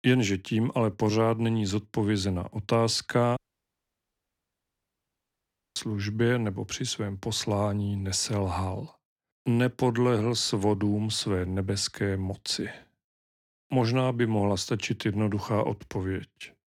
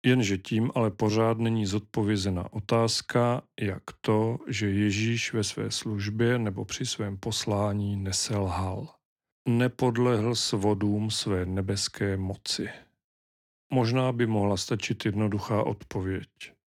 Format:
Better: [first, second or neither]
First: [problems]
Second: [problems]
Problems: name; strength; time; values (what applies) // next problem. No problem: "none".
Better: second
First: audio cutting out; at 3.5 s for 2.5 s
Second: none